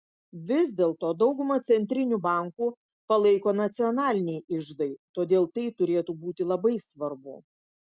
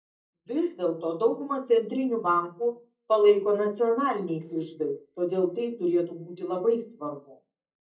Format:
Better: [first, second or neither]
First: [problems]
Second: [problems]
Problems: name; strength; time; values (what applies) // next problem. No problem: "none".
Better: first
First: none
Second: noise reduction (neural mask model DeepFilterNet 3)